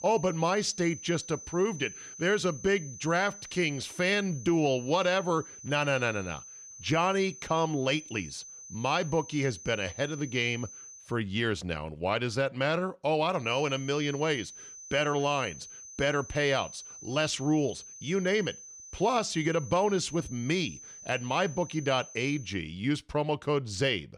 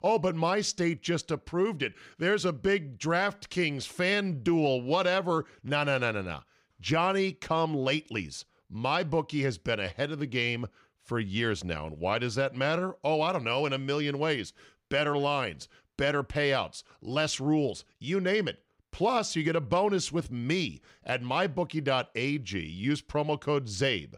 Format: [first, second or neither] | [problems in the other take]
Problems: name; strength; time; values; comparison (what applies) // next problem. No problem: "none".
second | high-pitched whine; noticeable; until 11 s and from 13 to 22 s; 6 kHz, 15 dB below the speech